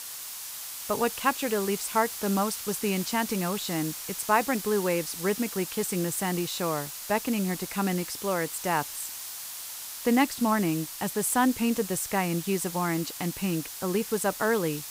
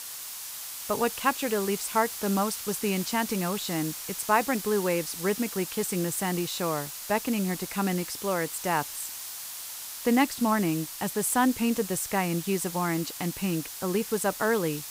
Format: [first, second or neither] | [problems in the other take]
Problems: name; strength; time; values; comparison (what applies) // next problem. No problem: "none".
neither | hiss; loud; throughout; 7 dB below the speech; the same in both